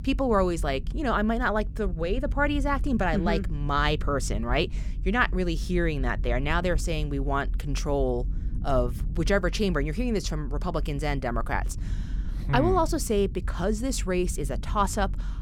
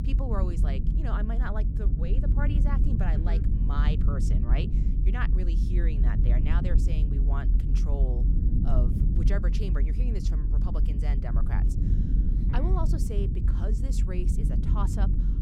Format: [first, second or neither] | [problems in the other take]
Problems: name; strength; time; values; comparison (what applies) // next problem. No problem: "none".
first | low rumble; loud; throughout; 2 dB below the speech; faint in the first